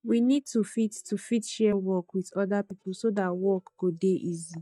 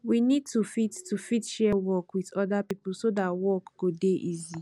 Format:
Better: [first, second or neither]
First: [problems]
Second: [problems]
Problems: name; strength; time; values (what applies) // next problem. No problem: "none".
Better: second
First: noise reduction (neural mask model DeepFilterNet 3)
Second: none